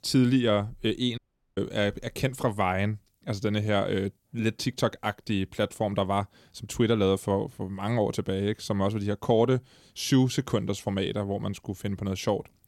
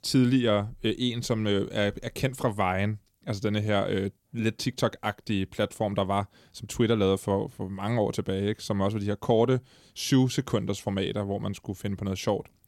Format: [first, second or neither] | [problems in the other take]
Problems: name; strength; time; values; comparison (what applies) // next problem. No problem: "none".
second | audio cutting out; at 1 s